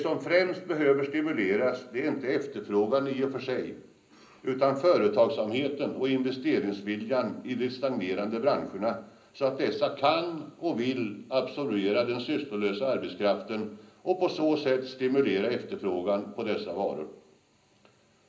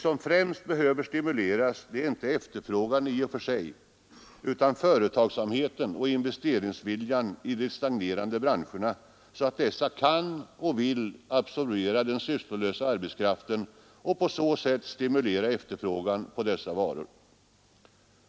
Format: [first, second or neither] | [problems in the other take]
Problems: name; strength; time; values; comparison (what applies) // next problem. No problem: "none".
second | room echo; dies away in 0.5 s